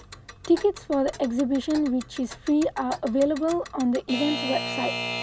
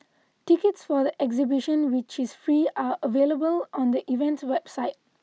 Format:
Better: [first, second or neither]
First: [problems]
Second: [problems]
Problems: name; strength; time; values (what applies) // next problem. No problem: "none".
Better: second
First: background sound (Alarm / Clock); 10 dB below the speech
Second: none